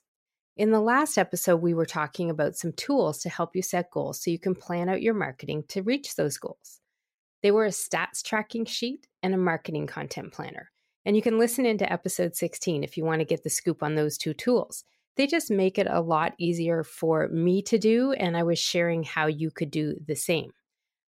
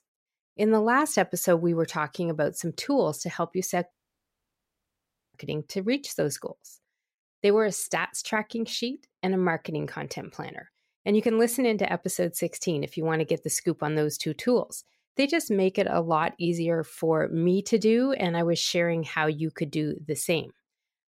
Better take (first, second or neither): first